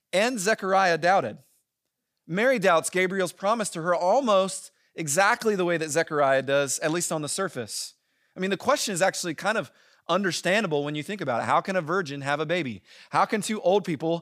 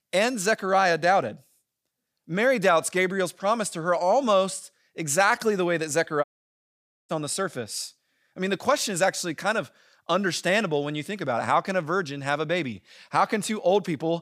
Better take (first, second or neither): first